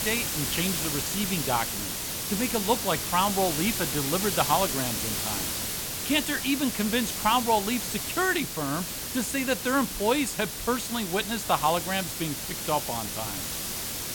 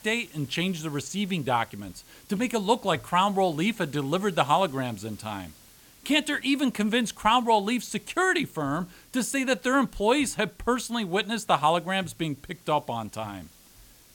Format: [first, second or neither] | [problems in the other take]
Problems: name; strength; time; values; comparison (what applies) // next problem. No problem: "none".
second | hiss; loud; throughout; 2 dB below the speech; faint in the second